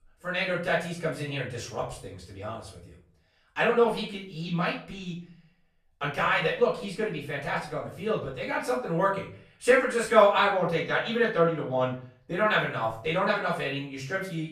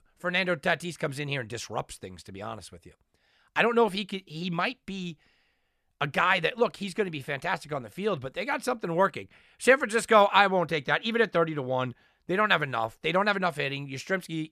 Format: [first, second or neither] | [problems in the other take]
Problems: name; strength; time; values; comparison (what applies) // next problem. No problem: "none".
second | off-mic speech; far // room echo; slight; dies away in 0.4 s